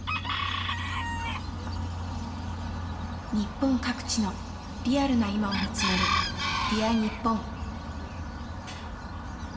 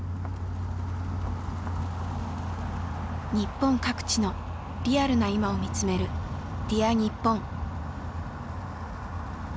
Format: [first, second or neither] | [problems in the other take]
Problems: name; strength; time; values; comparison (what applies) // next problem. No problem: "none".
second | background sound (Chicken, rooster); 5 dB below the speech // room echo; dies away in 2.2 s